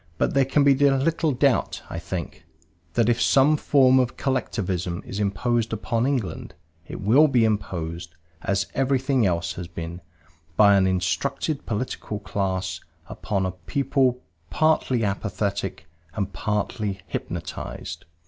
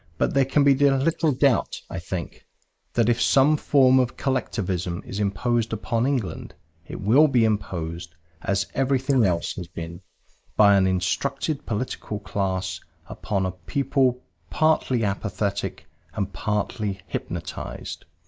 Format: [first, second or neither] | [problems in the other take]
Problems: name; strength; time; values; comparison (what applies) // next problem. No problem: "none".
first | noise reduction (neural mask model Resemble Enhance denoiser)